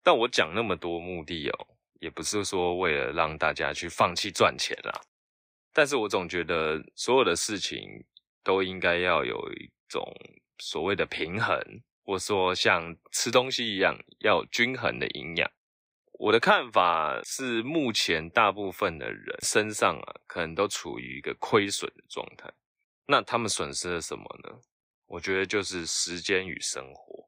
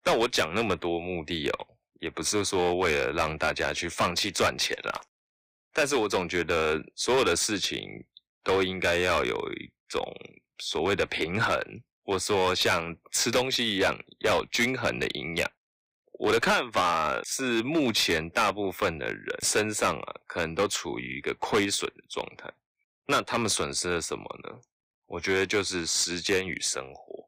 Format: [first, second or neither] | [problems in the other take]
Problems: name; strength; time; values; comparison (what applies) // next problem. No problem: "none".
first | distortion; heavy; 6% of the sound clipped